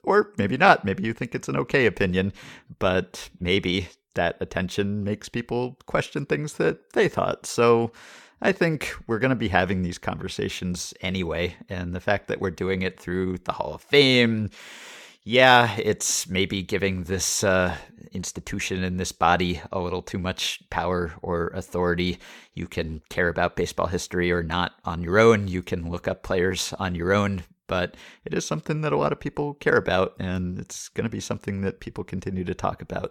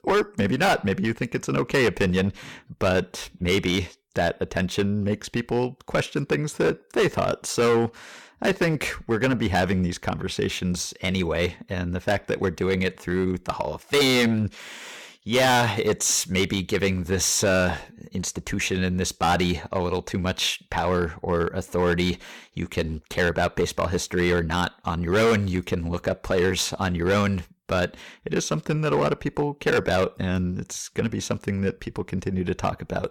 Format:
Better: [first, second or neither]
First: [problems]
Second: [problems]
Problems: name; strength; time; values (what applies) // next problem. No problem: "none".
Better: first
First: none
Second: distortion; heavy; 7% of the sound clipped